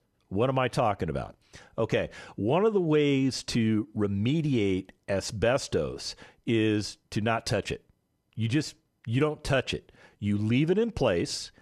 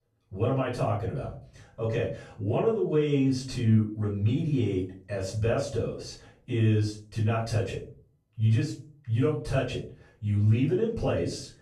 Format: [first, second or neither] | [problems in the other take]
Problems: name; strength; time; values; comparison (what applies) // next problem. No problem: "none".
first | off-mic speech; far // room echo; noticeable; dies away in 0.4 s